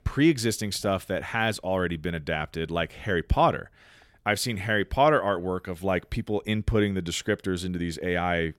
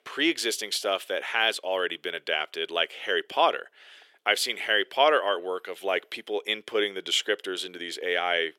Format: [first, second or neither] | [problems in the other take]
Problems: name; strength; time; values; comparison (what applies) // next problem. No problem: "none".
first | thin; very; fading below 400 Hz